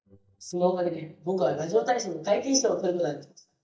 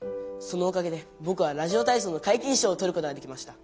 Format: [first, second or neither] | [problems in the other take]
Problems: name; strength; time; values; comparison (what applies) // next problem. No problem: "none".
second | noise reduction (neural mask model DeepFilterNet 3)